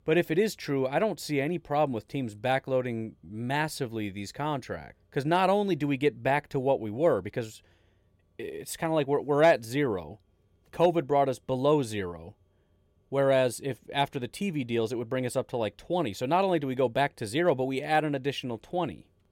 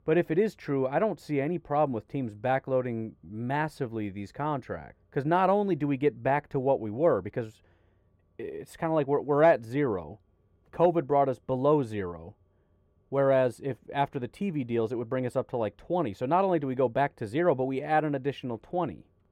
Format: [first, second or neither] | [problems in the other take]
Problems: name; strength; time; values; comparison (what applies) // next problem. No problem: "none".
first | muffled; slightly; fading above 2.5 kHz